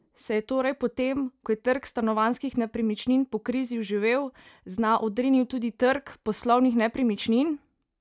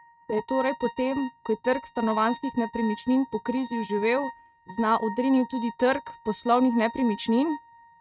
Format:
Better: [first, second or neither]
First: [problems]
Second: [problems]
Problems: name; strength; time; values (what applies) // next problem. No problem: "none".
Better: first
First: none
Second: noise reduction (neural mask model RNNoise)